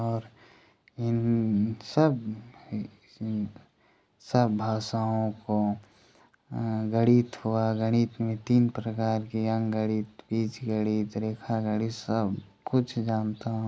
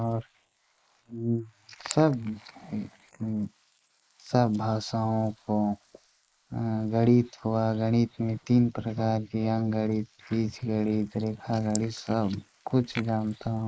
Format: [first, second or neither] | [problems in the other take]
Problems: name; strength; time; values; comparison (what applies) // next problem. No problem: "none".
first | noise reduction (neural mask model Resemble Enhance denoiser)